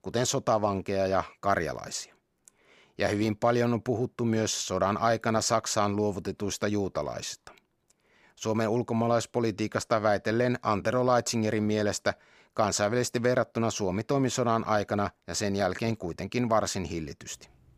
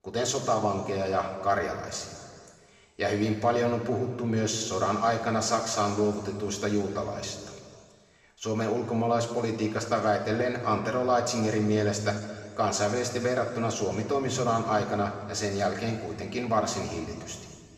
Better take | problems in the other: first | room echo; noticeable; dies away in 2.1 s // off-mic speech; far

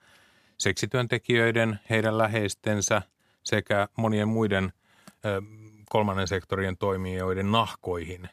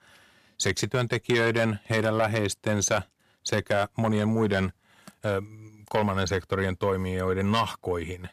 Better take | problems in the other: first | distortion; slight; 10 dB below the speech

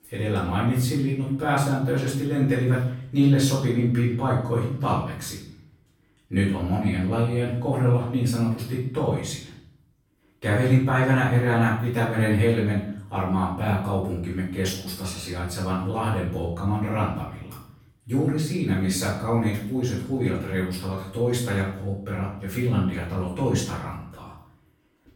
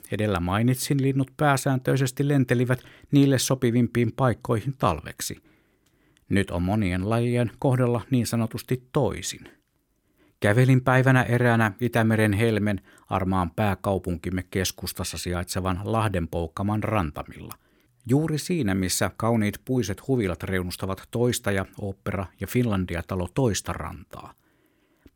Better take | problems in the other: second | room echo; noticeable; dies away in 0.6 s // off-mic speech; far

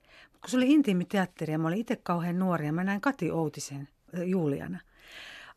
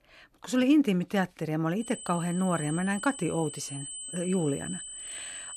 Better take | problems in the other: first | high-pitched whine; loud; from 2 s on; 8 kHz, 10 dB below the speech

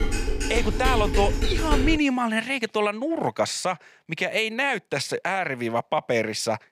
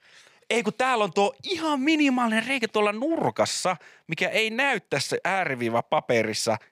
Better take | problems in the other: second | clattering dishes; noticeable; until 2 s; peak level with the speech

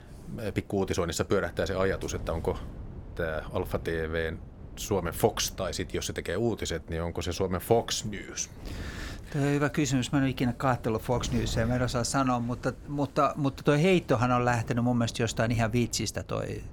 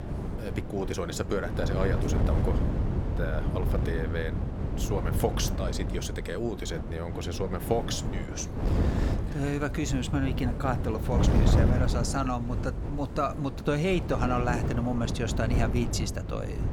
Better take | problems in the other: first | wind noise on the microphone; heavy; 5 dB below the speech; occasional gusts in the first

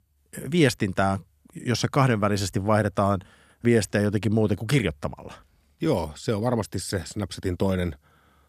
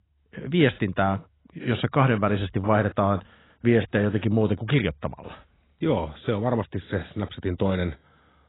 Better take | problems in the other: first | garbled, watery; badly; nothing above 4 kHz

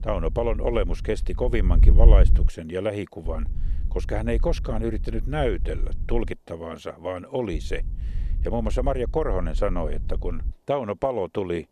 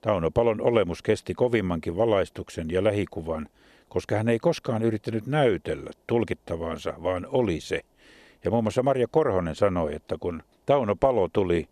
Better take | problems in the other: second | wind noise on the microphone; occasional gusts; until 2.5 s, from 3.5 to 6.5 s and from 7.5 to 11 s; 20 dB below the speech

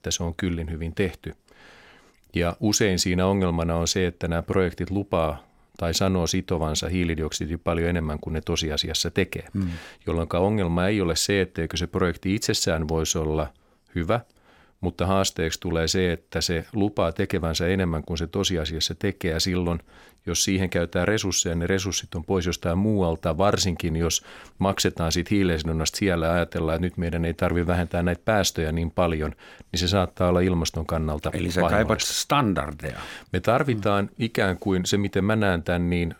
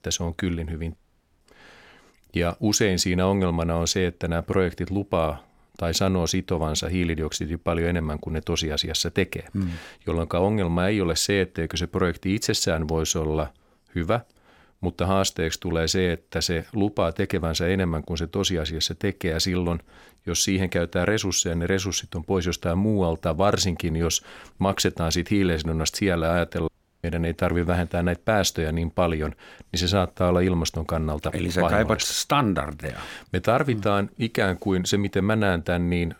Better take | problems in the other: first | audio cutting out; at 1 s and at 27 s

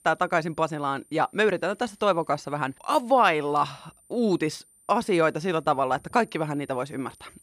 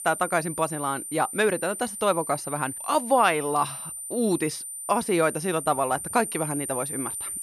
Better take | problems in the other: first | high-pitched whine; loud; throughout; 9 kHz, 7 dB below the speech; faint in the first

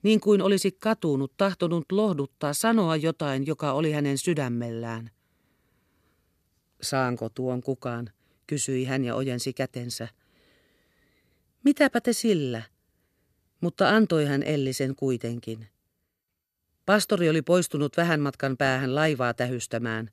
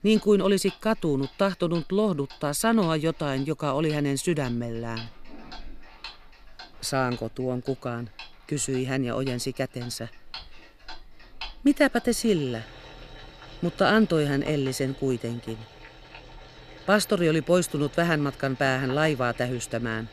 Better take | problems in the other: first | household noises; noticeable; throughout; 20 dB below the speech

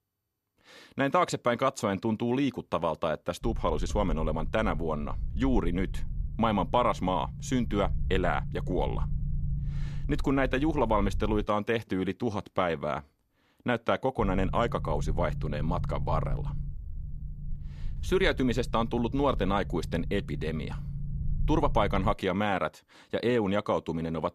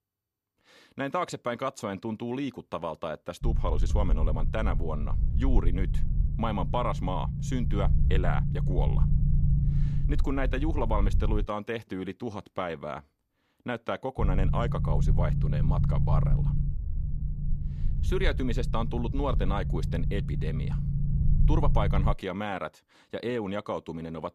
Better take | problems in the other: first | low rumble; loud; from 3.5 to 11 s and from 14 to 22 s; 9 dB below the speech; faint in the first

